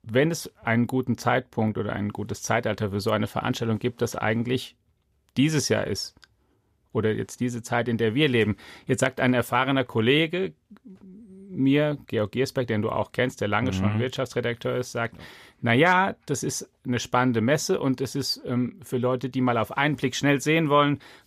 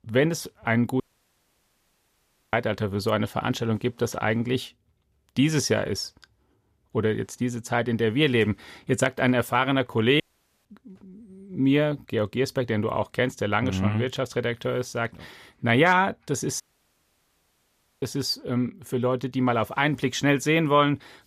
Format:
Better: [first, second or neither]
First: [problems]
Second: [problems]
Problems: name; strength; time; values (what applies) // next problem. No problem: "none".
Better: first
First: none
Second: audio cutting out; at 1 s for 1.5 s, at 10 s and at 17 s for 1.5 s